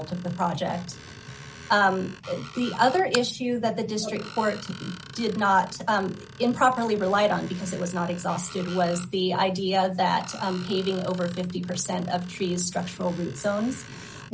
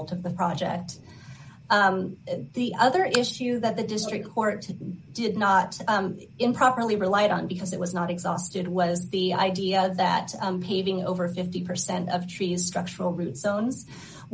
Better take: second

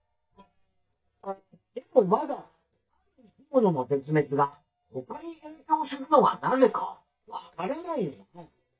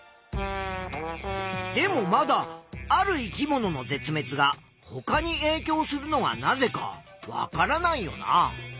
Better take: second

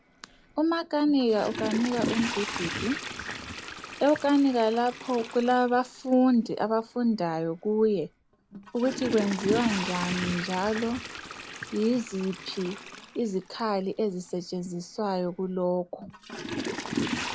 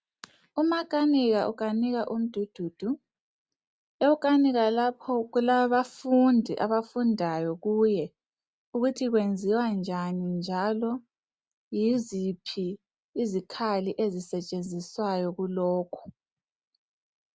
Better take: second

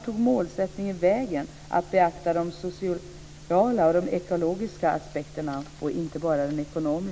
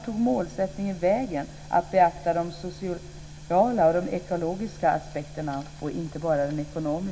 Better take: first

